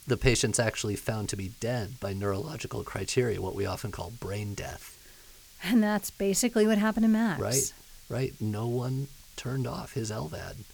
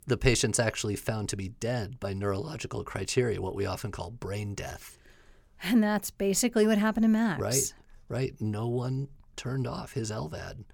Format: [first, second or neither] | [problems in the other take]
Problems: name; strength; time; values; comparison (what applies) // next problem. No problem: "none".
second | hiss; faint; throughout; 20 dB below the speech